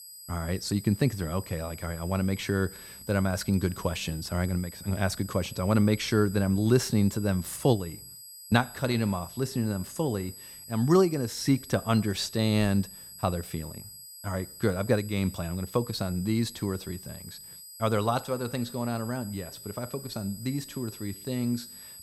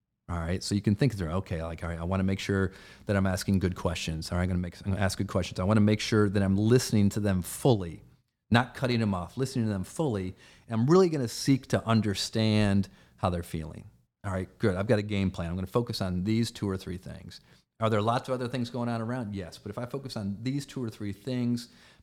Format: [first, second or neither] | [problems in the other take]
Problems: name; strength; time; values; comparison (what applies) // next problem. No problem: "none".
second | high-pitched whine; noticeable; throughout; 8 kHz, 15 dB below the speech